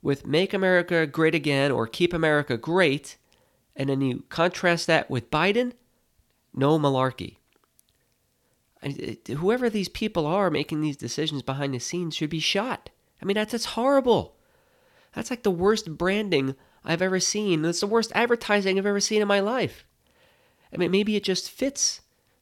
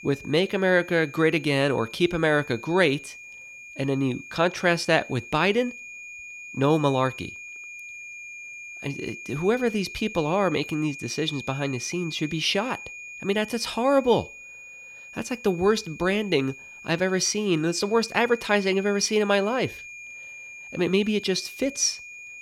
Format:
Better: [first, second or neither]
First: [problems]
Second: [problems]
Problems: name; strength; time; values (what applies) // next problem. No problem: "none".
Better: first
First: none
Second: high-pitched whine; noticeable; throughout; 2.5 kHz, 15 dB below the speech